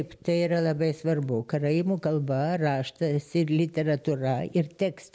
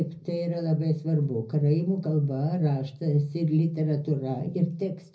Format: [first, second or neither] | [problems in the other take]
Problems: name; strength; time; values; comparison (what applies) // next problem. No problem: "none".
first | room echo; dies away in 0.4 s